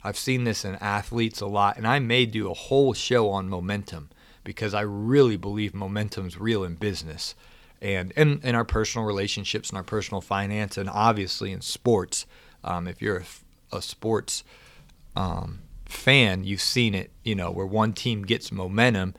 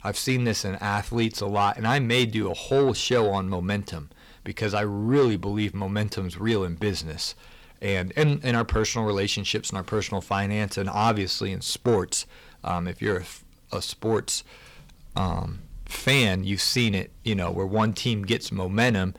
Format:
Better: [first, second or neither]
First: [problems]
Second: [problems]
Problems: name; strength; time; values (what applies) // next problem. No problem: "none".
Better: first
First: none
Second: distortion; slight; 10 dB below the speech